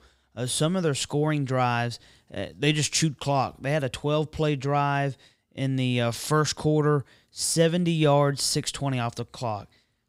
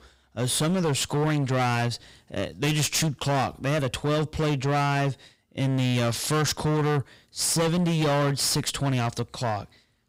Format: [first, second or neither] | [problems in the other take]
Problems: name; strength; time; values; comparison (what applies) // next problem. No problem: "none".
first | distortion; heavy; 23% of the sound clipped